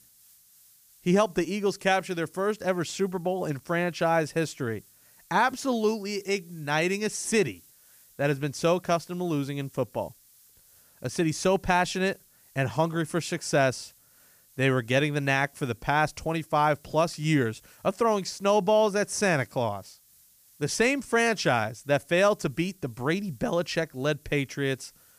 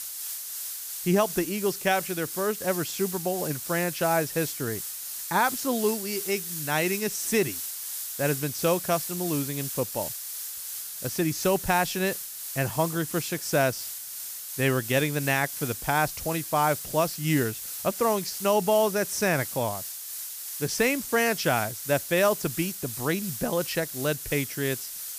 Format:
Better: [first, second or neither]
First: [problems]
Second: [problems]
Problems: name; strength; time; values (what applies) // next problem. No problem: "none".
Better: first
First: hiss; faint; throughout; 30 dB below the speech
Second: hiss; loud; throughout; 6 dB below the speech